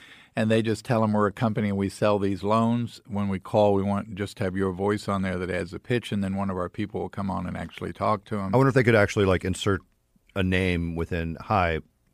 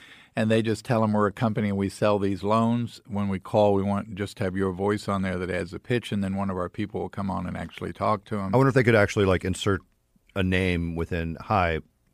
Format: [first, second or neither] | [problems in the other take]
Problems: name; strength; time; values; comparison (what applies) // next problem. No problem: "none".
neither | none